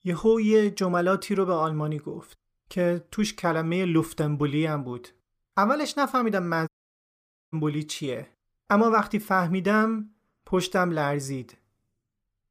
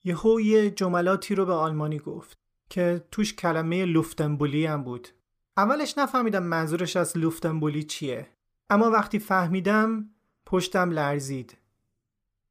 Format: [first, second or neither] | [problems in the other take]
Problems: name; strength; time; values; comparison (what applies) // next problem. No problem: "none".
second | audio cutting out; at 6.5 s for 1 s